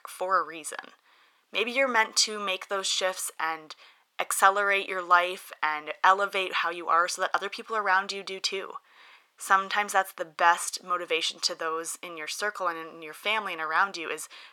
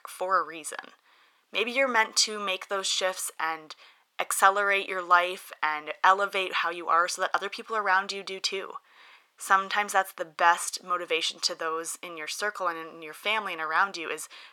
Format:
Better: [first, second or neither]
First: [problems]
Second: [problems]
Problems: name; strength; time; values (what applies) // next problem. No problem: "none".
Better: neither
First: thin; very; fading below 750 Hz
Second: thin; very; fading below 750 Hz